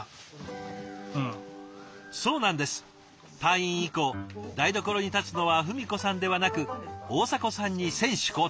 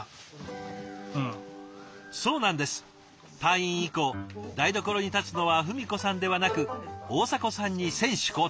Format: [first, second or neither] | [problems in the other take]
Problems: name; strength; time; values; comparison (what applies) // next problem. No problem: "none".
first | background sound (Bowed string instrument); 12 dB below the speech